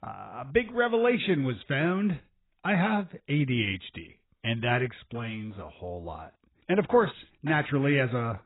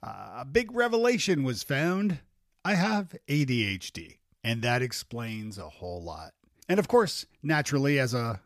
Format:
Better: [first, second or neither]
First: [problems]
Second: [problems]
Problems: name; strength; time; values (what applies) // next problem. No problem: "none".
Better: second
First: garbled, watery; badly; nothing above 4 kHz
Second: none